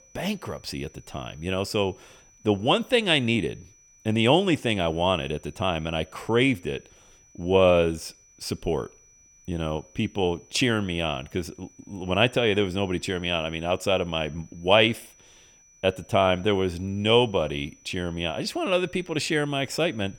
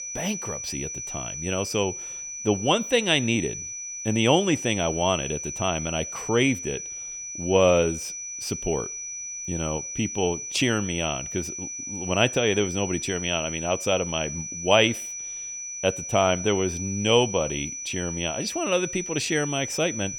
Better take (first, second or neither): first